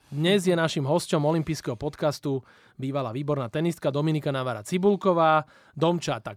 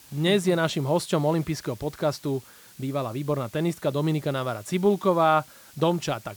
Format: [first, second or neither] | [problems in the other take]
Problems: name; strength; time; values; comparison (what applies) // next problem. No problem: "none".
first | hiss; faint; throughout; 25 dB below the speech